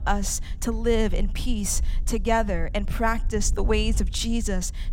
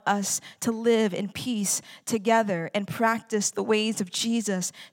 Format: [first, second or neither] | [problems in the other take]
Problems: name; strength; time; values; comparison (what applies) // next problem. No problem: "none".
second | low rumble; faint; throughout; 25 dB below the speech